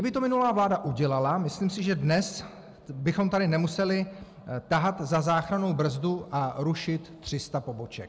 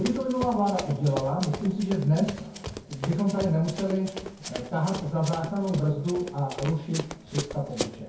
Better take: first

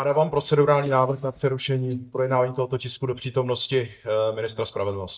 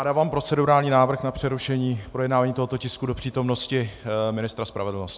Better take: second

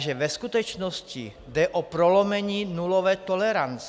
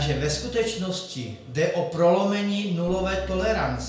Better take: first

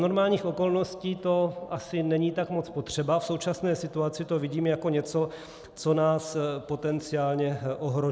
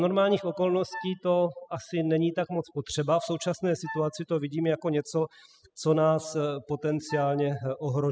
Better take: first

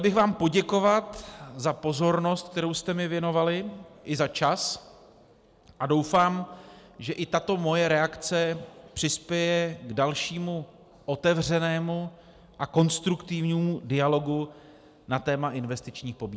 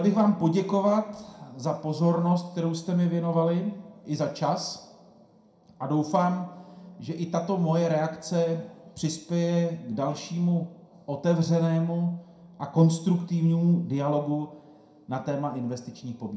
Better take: first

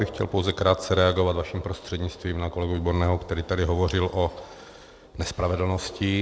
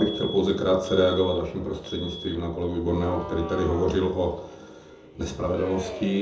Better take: first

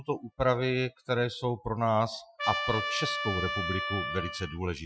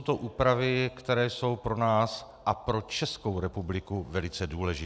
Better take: second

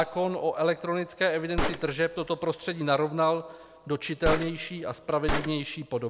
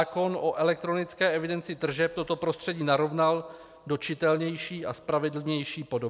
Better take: second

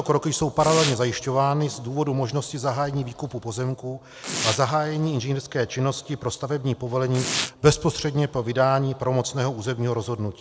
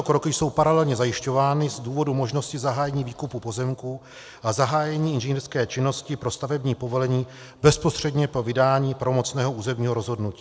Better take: second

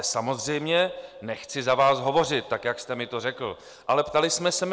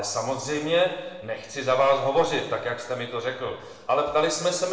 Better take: first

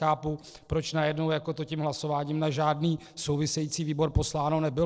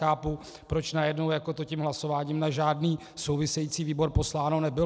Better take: second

